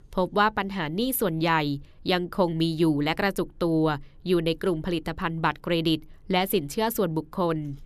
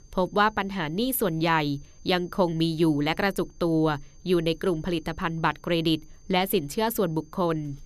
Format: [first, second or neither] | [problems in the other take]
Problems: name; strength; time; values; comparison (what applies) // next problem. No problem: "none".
first | high-pitched whine; faint; throughout; 6.5 kHz, 35 dB below the speech